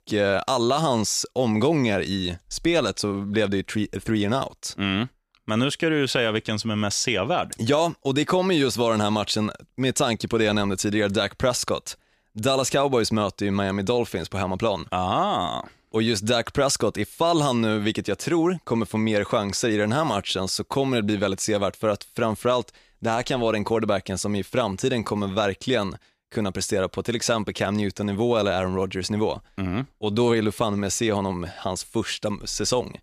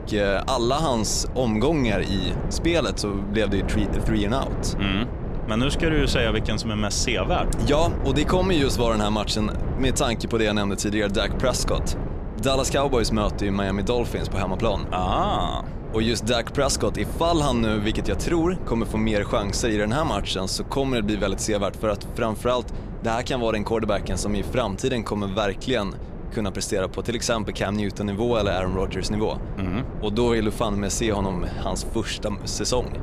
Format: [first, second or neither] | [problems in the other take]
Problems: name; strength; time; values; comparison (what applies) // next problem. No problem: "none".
first | wind noise on the microphone; occasional gusts; 10 dB below the speech